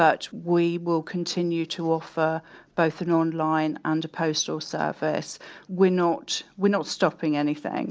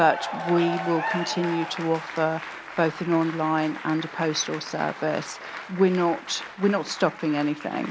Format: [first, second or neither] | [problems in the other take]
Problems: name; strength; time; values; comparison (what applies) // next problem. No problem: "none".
first | background sound (Applause / Cheering); 9 dB below the speech